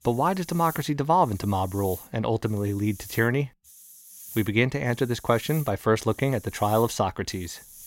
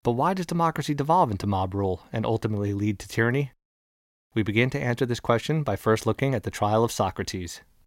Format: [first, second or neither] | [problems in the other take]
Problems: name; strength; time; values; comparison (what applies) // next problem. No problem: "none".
second | hiss; noticeable; throughout; 15 dB below the speech